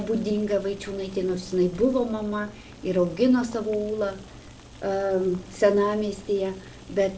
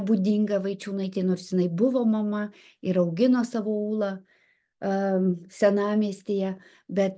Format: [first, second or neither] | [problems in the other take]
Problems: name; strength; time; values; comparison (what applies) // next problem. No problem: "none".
second | background sound (Boiling); 19 dB below the speech // room echo; dies away in 0.5 s